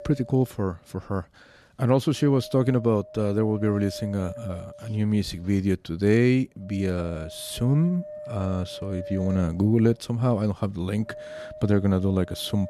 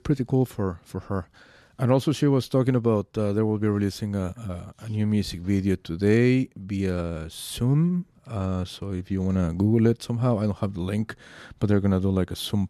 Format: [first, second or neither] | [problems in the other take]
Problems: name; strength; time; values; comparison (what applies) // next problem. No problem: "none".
second | wind noise on the microphone; occasional gusts; 10 dB below the speech